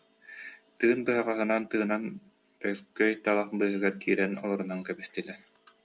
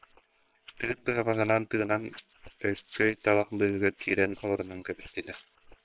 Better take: first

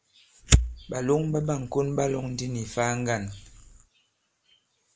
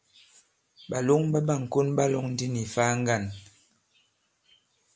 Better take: second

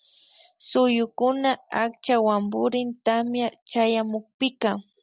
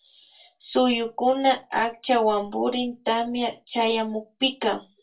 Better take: first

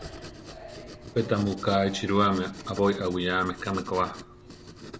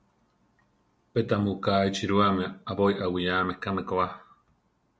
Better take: second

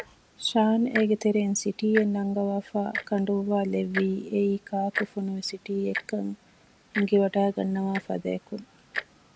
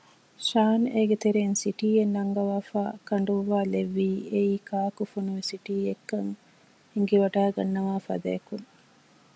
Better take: second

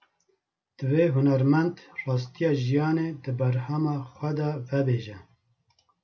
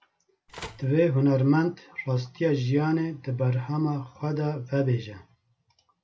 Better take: first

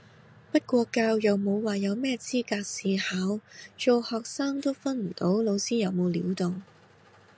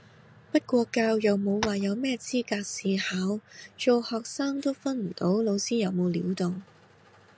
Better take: first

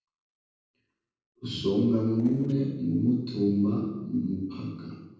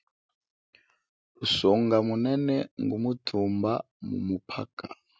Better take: second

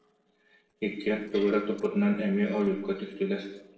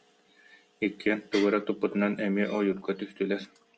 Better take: second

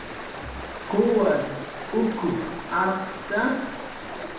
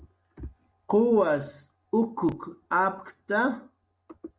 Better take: second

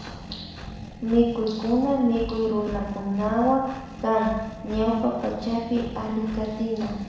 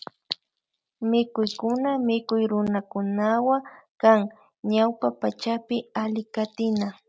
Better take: second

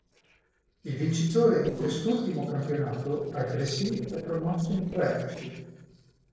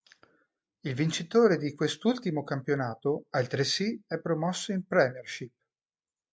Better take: second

